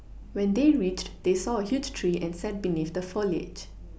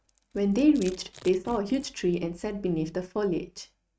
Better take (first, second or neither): first